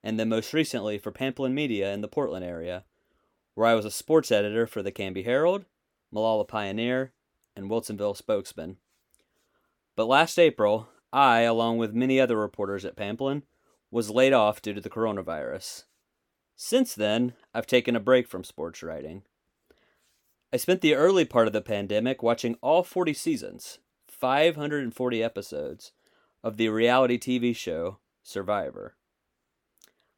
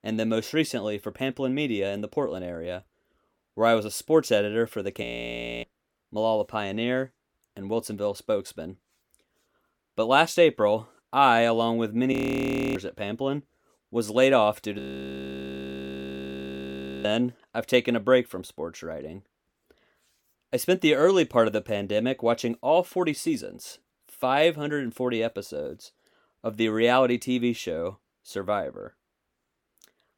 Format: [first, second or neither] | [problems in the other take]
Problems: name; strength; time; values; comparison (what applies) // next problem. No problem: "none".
first | audio freezing; at 5 s for 0.5 s, at 12 s for 0.5 s and at 15 s for 2.5 s